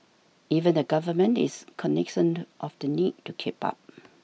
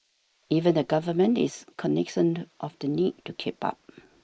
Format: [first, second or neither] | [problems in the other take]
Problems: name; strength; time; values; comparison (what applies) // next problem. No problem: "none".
first | noise reduction (neural mask model Resemble Enhance denoiser)